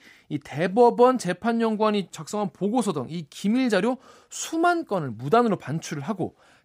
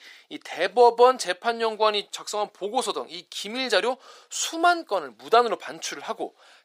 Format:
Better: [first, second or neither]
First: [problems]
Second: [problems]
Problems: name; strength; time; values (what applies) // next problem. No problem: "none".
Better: first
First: none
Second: thin; very; fading below 450 Hz